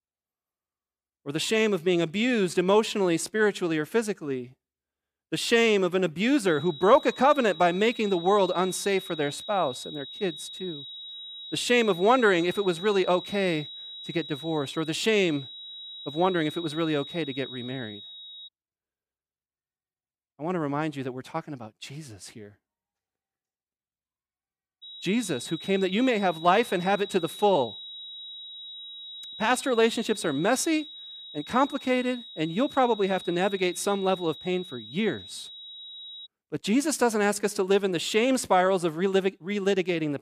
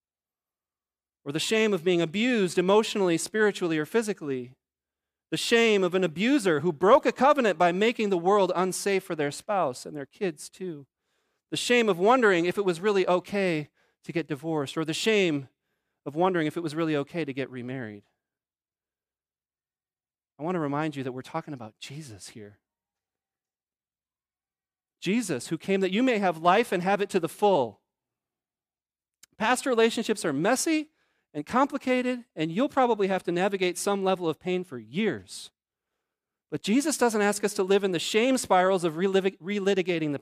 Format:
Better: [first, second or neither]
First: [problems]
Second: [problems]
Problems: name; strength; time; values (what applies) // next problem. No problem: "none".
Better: second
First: high-pitched whine; noticeable; from 6.5 to 18 s and from 25 to 36 s; 4 kHz, 15 dB below the speech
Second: none